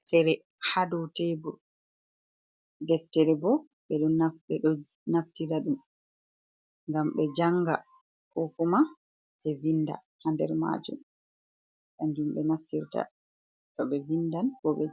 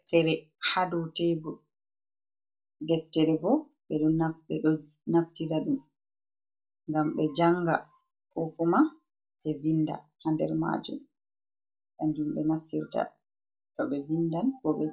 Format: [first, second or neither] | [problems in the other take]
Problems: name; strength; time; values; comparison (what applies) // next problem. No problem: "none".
first | room echo; dies away in 0.2 s